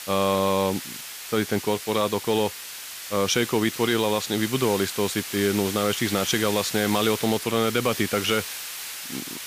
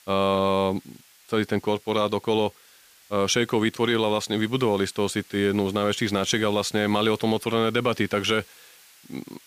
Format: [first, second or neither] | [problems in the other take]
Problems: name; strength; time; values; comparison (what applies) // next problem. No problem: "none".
second | hiss; loud; throughout; 8 dB below the speech; faint in the second